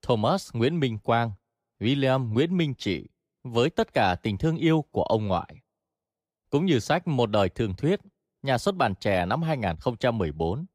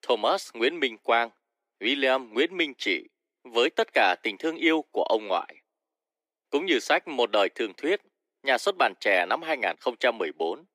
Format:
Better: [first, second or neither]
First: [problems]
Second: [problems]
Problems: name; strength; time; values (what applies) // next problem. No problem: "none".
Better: first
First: none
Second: thin; somewhat; fading below 300 Hz